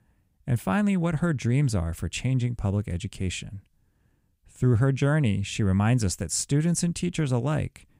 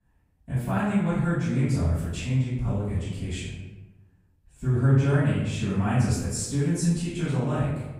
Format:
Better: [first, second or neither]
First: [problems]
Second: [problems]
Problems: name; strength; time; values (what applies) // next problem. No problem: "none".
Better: first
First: none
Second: off-mic speech; far // room echo; strong; dies away in 0.9 s